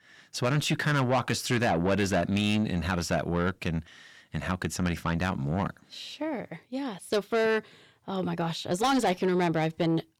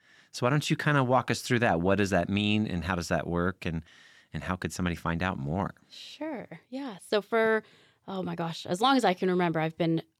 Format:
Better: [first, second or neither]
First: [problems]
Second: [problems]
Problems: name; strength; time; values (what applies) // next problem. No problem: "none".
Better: second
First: distortion; slight; 10 dB below the speech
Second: none